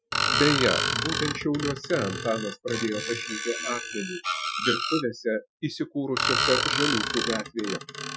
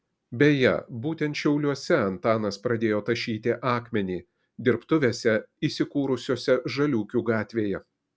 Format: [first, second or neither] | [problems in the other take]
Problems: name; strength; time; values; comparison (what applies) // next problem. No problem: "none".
second | noise reduction (classical method Wiener filter)